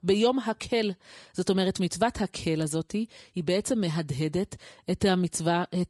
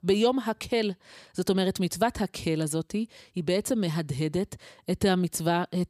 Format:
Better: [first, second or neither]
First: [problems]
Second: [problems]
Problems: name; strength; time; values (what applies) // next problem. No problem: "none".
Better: second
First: garbled, watery; slightly; nothing above 10.5 kHz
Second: none